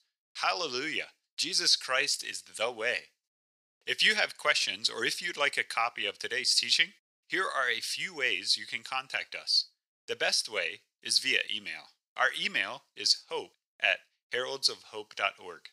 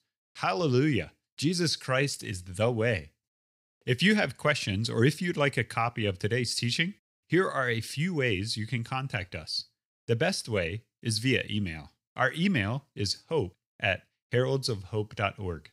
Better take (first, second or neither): second